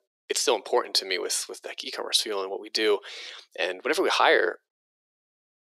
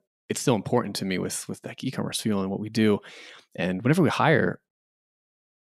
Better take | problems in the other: second | thin; very; fading below 350 Hz

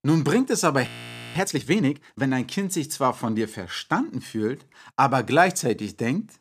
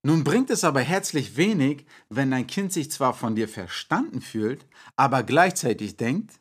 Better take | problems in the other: second | audio freezing; at 1 s

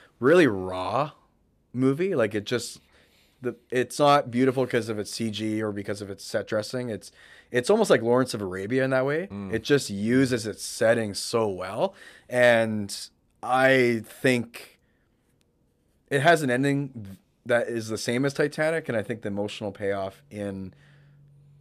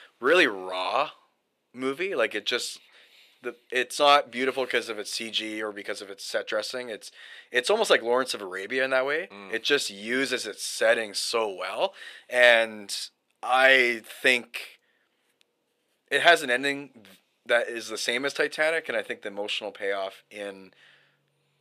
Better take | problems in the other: first | thin; somewhat; fading below 450 Hz

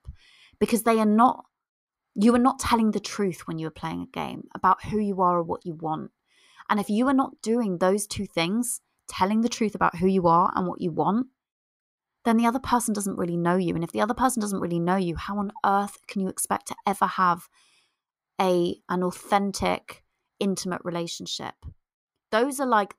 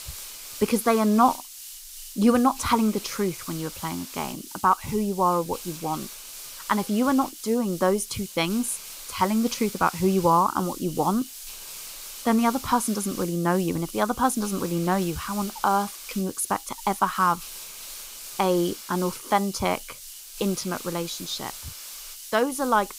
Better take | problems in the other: first | hiss; noticeable; throughout; 10 dB below the speech

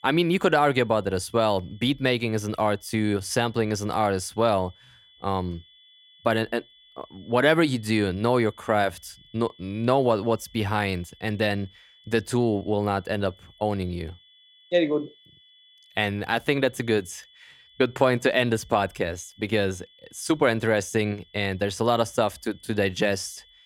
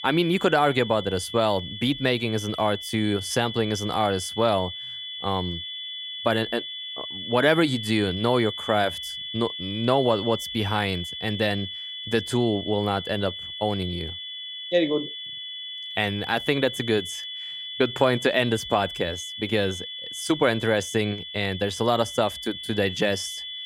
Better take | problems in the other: first | high-pitched whine; loud; throughout; 3.5 kHz, 8 dB below the speech; faint in the first

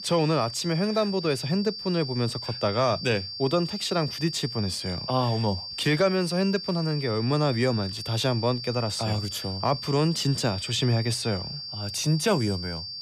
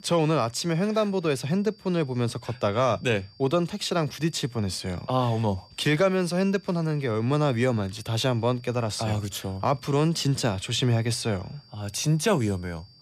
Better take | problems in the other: second | high-pitched whine; loud; throughout; 4.5 kHz, 7 dB below the speech; faint in the second

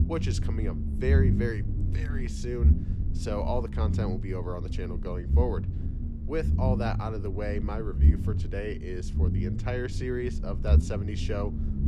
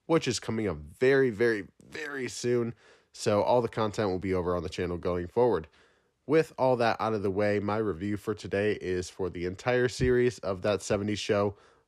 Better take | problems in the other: second | low rumble; loud; throughout; 6 dB below the speech

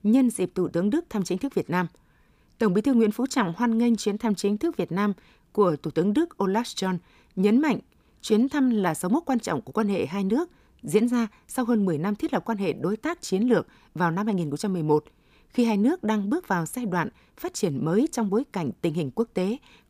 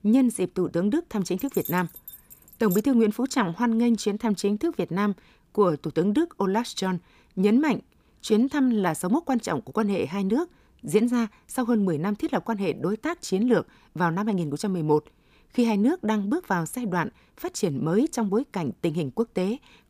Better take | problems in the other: first | jangling keys; faint; from 1.5 to 3 s; peak 10 dB below the speech

